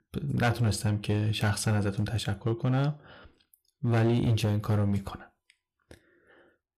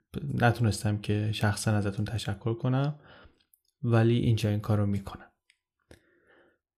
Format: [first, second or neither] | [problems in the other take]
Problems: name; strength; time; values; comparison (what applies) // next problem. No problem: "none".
second | distortion; slight; 6% of the sound clipped